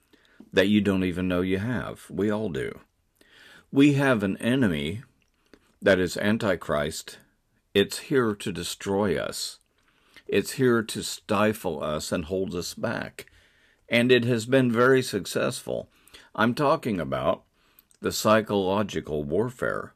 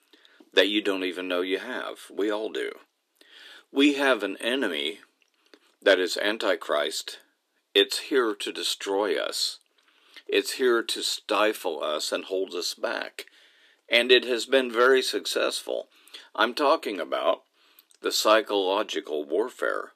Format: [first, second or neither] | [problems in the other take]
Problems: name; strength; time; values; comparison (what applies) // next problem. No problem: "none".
first | thin; somewhat; fading below 300 Hz